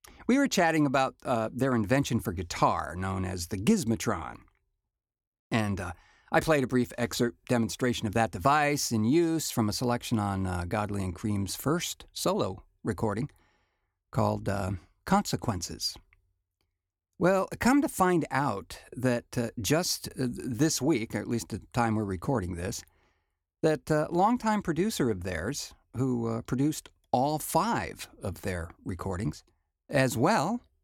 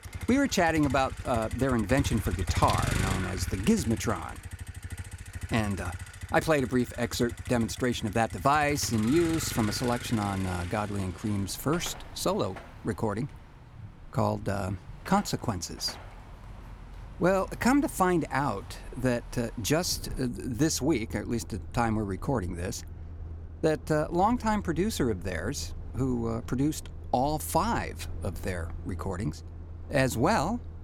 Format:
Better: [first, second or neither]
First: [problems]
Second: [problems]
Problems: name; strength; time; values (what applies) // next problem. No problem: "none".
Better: first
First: none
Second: traffic noise; noticeable; throughout; 10 dB below the speech